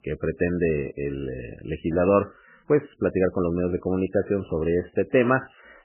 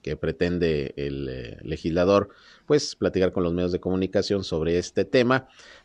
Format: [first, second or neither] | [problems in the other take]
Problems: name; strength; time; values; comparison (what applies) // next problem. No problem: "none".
second | garbled, watery; badly; nothing above 2.5 kHz